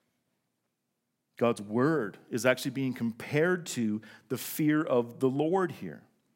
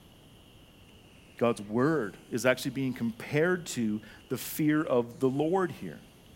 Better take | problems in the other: first | hiss; faint; throughout; 25 dB below the speech

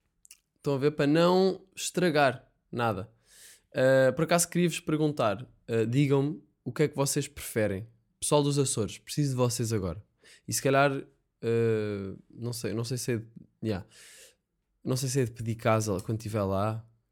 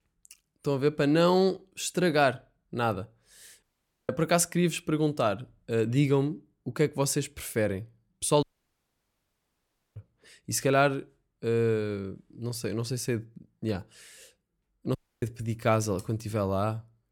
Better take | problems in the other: first | audio cutting out; at 3.5 s, at 8.5 s for 1.5 s and at 15 s

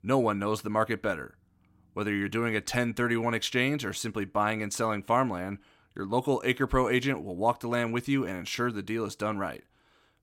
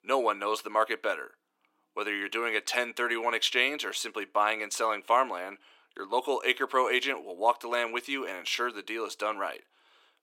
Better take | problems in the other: first | thin; very; fading below 400 Hz

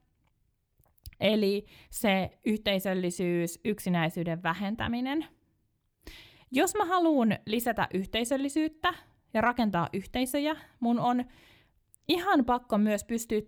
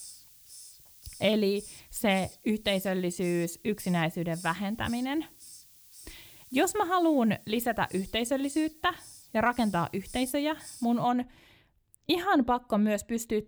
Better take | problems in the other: first | hiss; noticeable; until 11 s; 20 dB below the speech

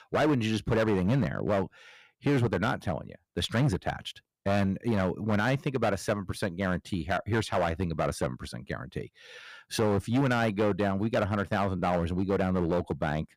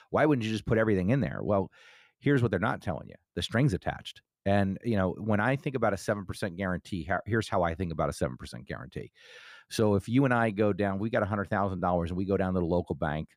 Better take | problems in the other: second | distortion; slight; 9% of the sound clipped

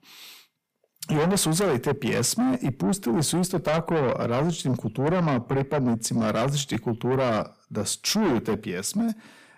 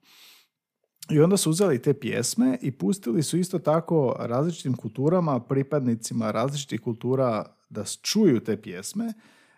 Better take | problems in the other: second | distortion; heavy; 6 dB below the speech

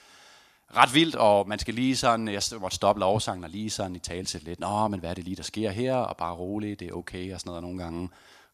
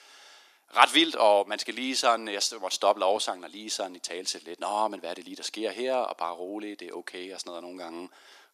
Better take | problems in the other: first | thin; somewhat; fading below 300 Hz

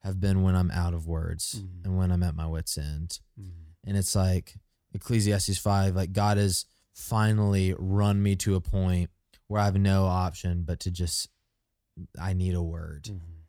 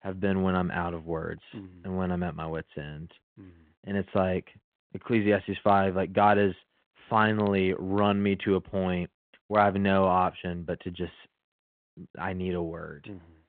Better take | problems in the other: first | phone-call audio

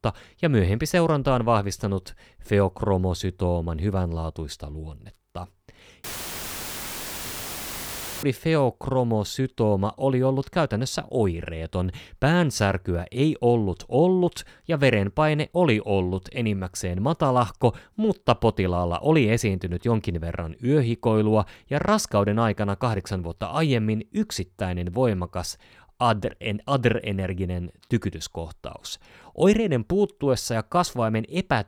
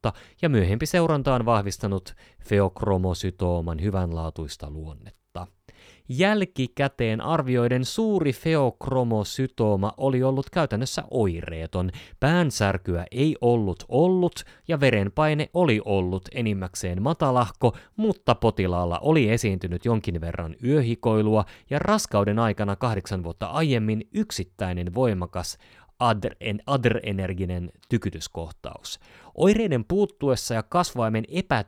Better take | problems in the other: second | audio cutting out; filled with static; at 6 s for 2 s

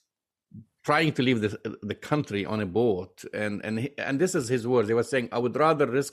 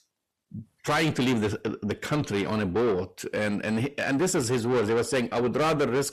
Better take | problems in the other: first | distortion; heavy; 7 dB below the speech

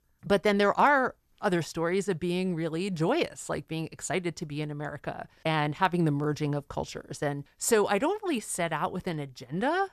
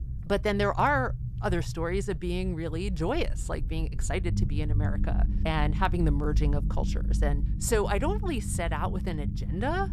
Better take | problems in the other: first | low rumble; noticeable; throughout; 15 dB below the speech

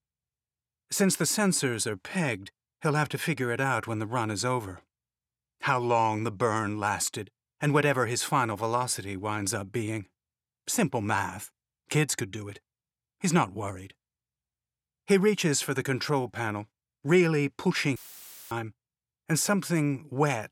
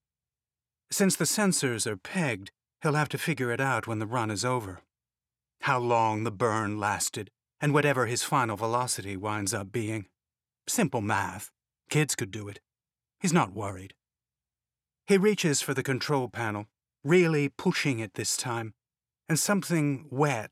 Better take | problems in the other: second | audio cutting out; filled with static; at 18 s for 0.5 s

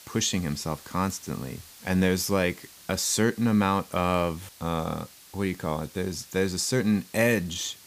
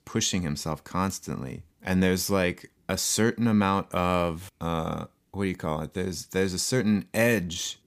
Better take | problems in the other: second | hiss; faint; throughout; 20 dB below the speech

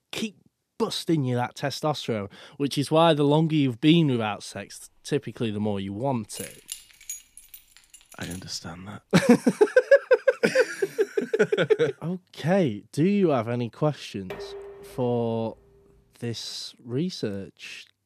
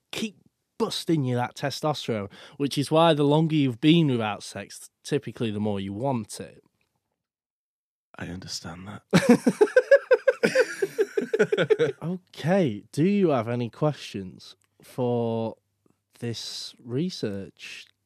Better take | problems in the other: second | jangling keys; faint; from 6.5 to 8.5 s; peak 10 dB below the speech // clattering dishes; faint; at 14 s; peak 15 dB below the speech

